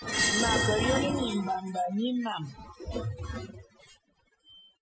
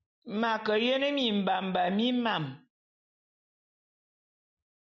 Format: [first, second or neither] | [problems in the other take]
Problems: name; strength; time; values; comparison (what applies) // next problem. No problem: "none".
second | noise reduction (classical method Wiener filter)